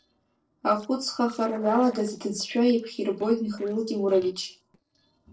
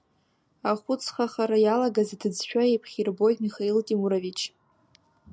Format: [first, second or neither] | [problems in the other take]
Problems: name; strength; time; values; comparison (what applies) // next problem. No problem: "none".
second | noise reduction (neural separator model SepFormer DNS4)